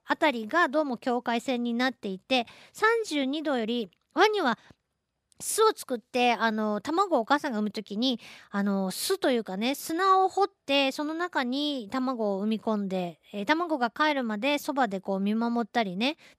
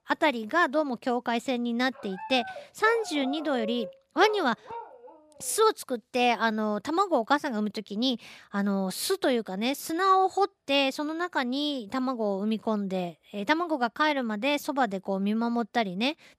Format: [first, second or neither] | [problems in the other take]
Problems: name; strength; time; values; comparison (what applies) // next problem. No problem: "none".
first | dog barking; faint; from 2 to 5.5 s; peak 10 dB below the speech